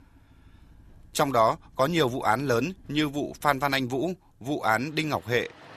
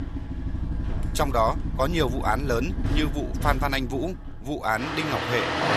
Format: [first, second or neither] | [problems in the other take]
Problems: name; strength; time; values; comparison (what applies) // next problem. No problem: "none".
first | traffic noise; loud; throughout; 3 dB below the speech; faint in the first